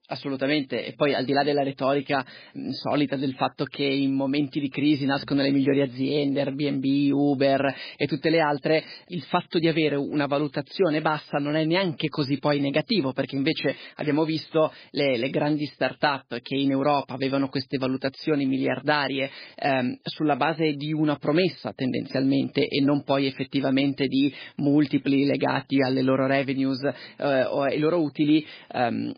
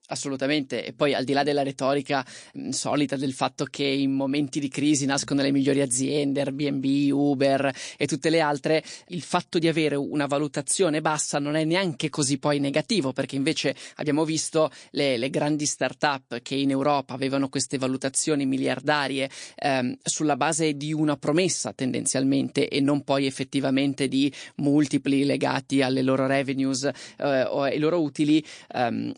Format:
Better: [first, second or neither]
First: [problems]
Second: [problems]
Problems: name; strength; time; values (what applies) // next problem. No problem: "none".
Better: second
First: garbled, watery; badly; nothing above 4.5 kHz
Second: garbled, watery; slightly